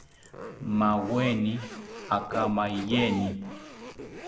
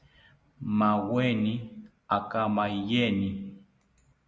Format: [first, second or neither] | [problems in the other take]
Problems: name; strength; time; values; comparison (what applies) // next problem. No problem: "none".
second | background sound (Zipper (clothing)); 10 dB below the speech